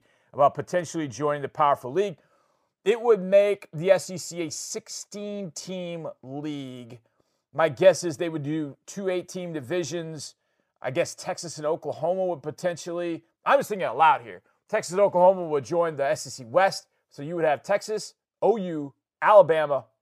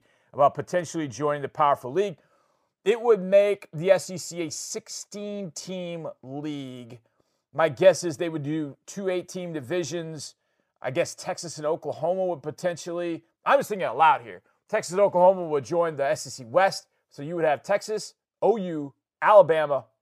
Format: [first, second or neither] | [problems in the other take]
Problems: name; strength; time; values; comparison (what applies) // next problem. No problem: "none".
neither | none